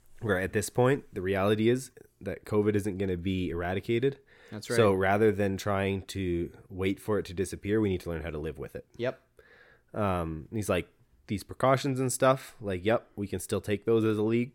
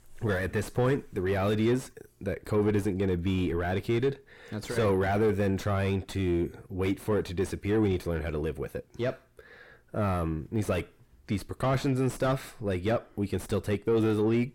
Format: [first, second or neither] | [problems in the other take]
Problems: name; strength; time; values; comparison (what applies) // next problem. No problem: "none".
first | distortion; heavy; 6 dB below the speech